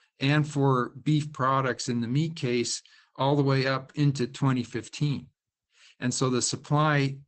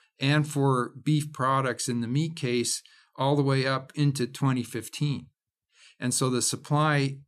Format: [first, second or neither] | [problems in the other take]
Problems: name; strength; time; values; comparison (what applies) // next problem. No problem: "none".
second | garbled, watery; badly; nothing above 8 kHz